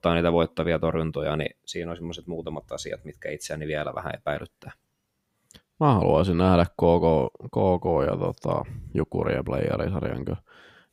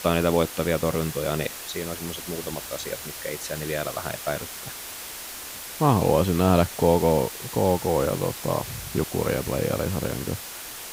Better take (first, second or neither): first